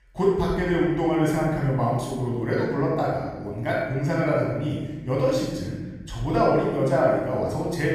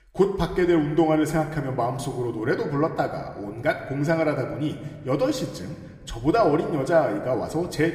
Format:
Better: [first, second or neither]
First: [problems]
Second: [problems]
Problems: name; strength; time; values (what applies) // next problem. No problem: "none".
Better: second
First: room echo; strong; dies away in 1.1 s // off-mic speech; far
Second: room echo; slight; dies away in 1.3 s // off-mic speech; somewhat distant